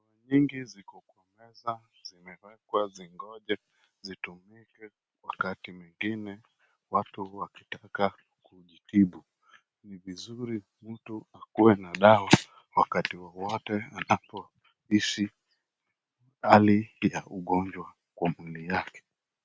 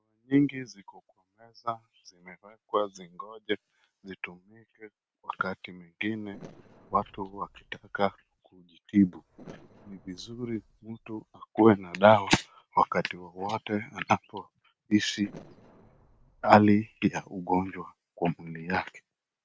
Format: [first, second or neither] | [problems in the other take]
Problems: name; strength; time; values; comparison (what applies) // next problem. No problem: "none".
first | noise reduction (neural separator model SepFormer DNS4)